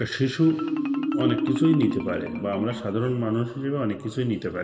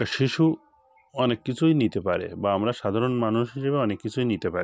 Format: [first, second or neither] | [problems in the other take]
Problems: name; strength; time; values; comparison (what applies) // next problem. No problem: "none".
second | background sound (Marimba, xylophone); 4 dB below the speech // room echo; dies away in 2.2 s